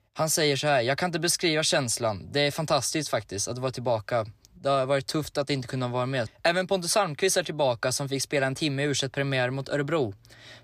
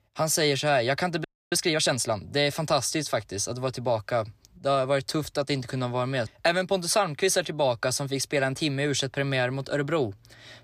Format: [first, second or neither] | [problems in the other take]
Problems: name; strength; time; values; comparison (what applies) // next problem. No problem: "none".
first | audio freezing; at 1 s